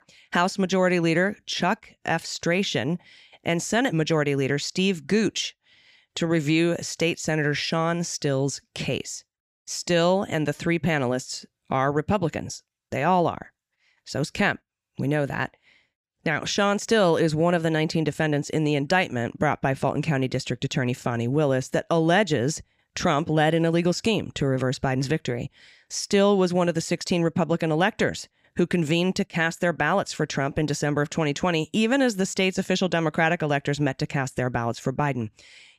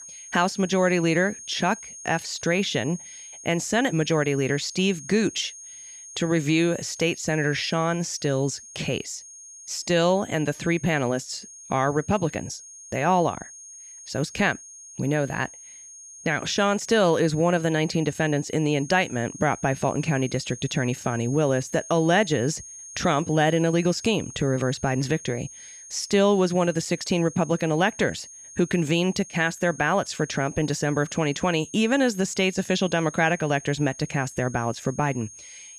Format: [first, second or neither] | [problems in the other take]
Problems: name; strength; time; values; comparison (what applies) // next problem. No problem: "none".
first | high-pitched whine; noticeable; throughout; 6.5 kHz, 15 dB below the speech